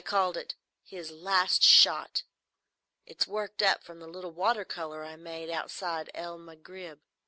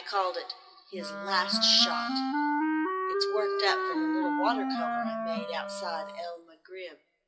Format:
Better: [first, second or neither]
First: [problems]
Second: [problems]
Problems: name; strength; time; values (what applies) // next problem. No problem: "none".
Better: first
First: none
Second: noise reduction (classical method WPE with log-MMSE)